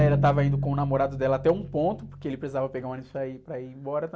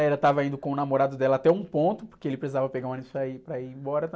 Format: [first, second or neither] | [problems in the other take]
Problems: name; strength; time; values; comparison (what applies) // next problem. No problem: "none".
second | background sound (Bowed string instrument); 3 dB below the speech